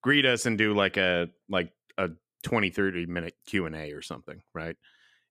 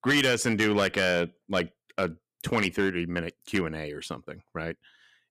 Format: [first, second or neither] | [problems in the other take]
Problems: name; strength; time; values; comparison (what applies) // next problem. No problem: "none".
first | distortion; slight; 3% of the sound clipped